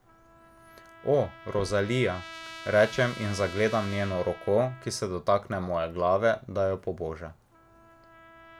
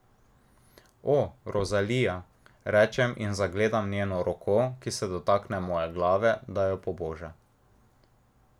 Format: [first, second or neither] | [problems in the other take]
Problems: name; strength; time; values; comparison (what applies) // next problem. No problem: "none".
second | background sound (Trumpet); 18 dB below the speech